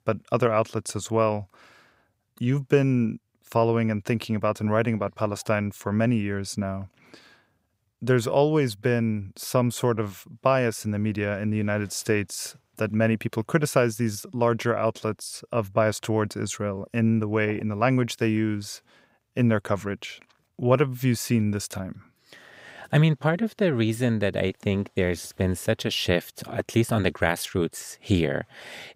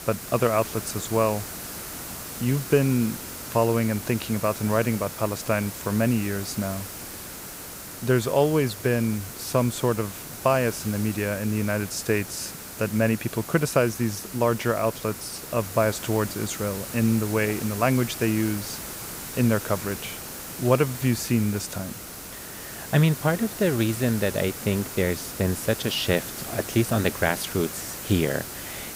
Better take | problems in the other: first | hiss; loud; throughout; 9 dB below the speech

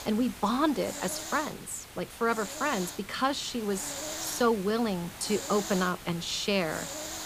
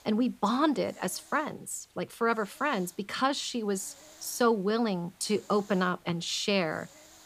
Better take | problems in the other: second | hiss; loud; throughout; 9 dB below the speech; faint in the second

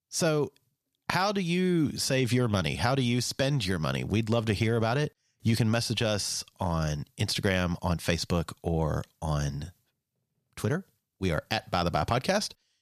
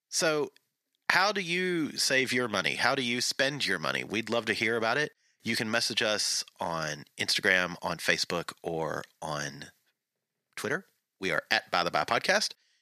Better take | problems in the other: first | thin; somewhat; fading below 300 Hz

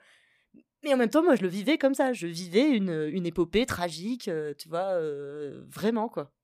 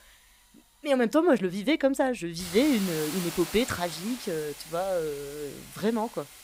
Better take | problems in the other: first | hiss; noticeable; throughout; 10 dB below the speech

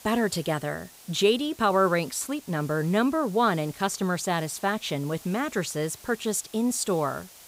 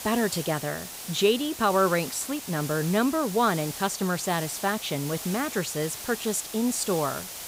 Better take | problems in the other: first | hiss; loud; throughout; 9 dB below the speech; faint in the first

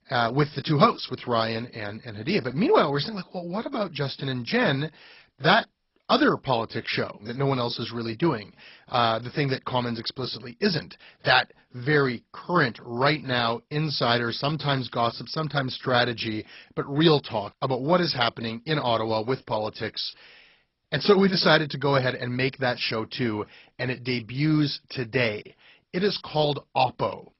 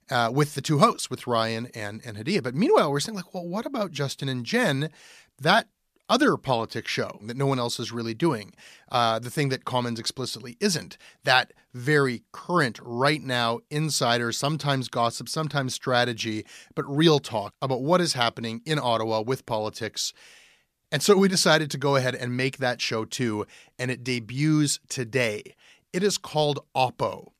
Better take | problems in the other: second | garbled, watery; badly; nothing above 5.5 kHz

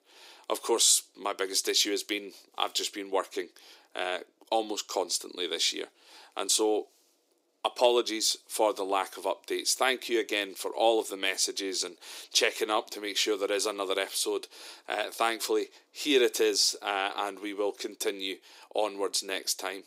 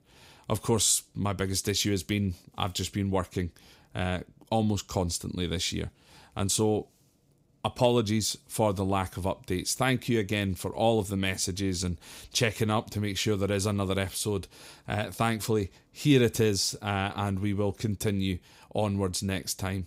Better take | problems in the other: second | thin; very; fading below 350 Hz

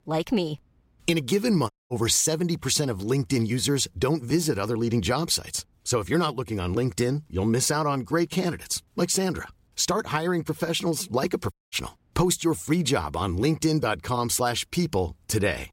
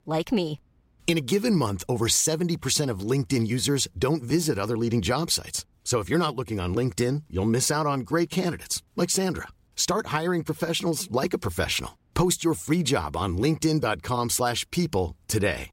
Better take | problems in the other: second | audio cutting out; at 1.5 s and at 12 s

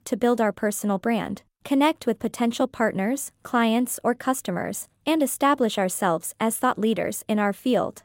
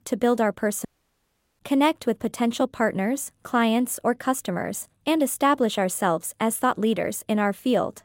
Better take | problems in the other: first | audio cutting out; at 1 s for 0.5 s

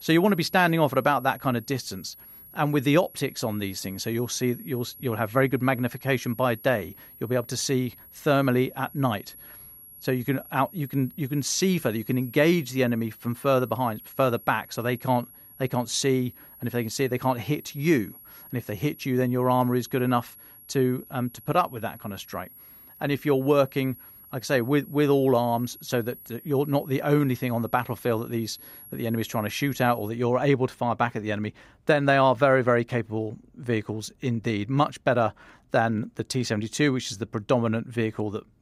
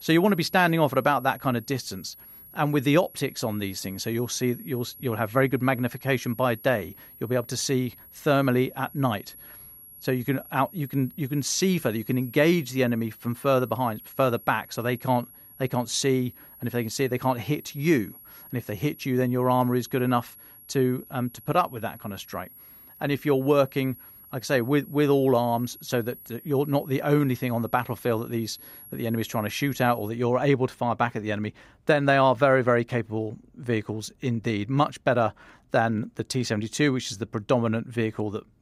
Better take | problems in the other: neither | high-pitched whine; noticeable; until 30 s; 11.5 kHz, 20 dB below the speech; the same in both

